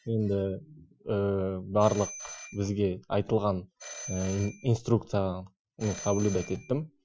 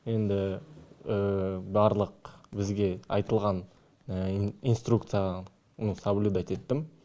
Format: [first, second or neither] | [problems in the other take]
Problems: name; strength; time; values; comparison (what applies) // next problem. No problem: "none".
second | noise reduction (classical method Wiener filter)